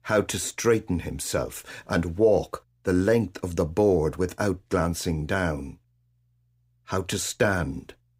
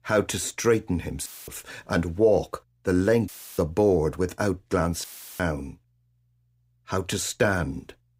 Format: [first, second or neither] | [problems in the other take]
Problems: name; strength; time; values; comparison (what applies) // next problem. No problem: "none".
first | audio cutting out; filled with static; at 1.5 s, at 3.5 s and at 5 s